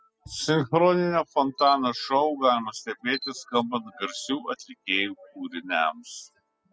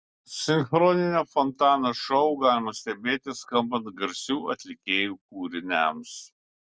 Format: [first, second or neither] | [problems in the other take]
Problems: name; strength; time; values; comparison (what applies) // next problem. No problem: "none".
second | noise reduction (classical method spectral subtraction)